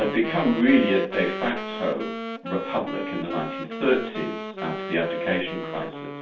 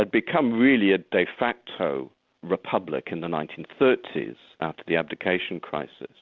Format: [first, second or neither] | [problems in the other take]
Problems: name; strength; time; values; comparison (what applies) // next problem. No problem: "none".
second | background sound (Wind instrument, woodwind instrument); 6 dB below the speech // room echo; dies away in 0.3 s